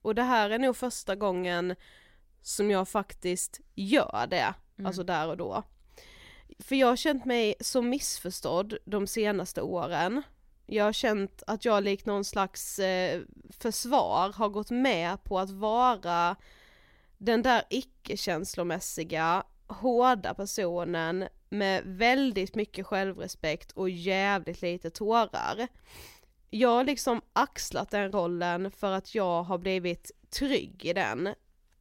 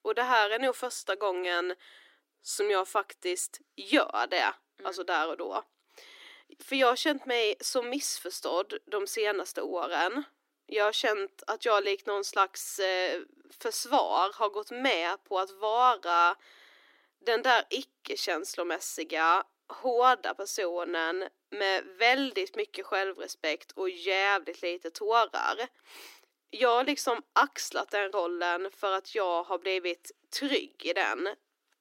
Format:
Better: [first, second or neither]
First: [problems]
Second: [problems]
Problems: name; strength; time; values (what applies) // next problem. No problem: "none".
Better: first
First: none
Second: thin; somewhat; fading below 300 Hz